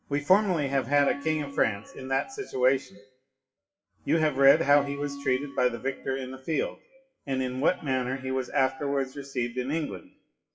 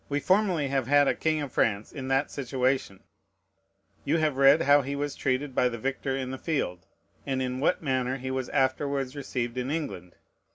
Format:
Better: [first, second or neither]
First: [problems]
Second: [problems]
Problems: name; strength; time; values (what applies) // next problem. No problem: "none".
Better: second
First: noise reduction (classical method WPE with log-MMSE)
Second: none